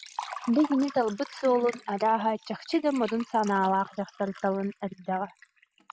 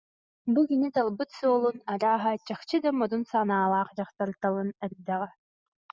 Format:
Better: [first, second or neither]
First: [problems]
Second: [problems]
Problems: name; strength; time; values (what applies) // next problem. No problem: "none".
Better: second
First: background sound (Liquid); 16 dB below the speech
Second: none